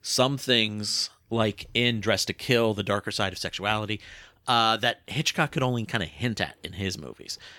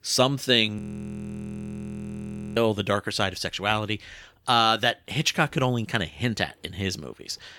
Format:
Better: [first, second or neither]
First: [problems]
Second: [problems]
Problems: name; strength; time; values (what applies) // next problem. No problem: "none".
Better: first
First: none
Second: audio freezing; at 1 s for 2 s